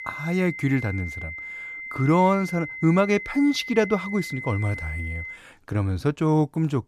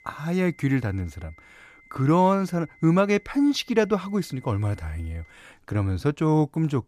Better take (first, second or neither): second